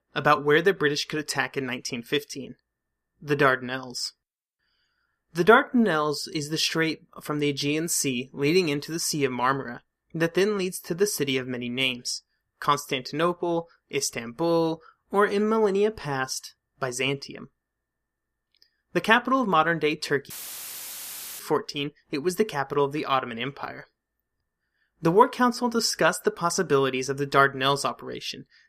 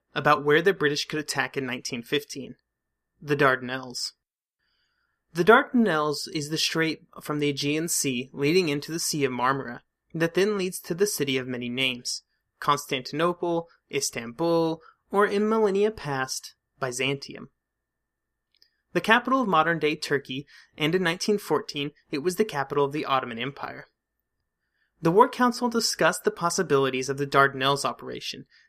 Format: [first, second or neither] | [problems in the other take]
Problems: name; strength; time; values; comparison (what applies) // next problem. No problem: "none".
second | audio cutting out; filled with static; at 20 s for 1 s